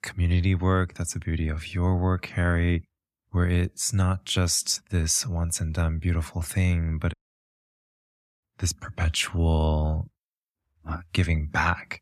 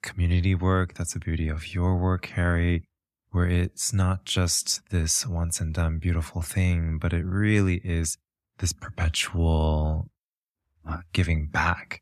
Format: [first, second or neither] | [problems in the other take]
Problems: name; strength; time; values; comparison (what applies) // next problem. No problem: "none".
second | audio cutting out; at 7 s for 1.5 s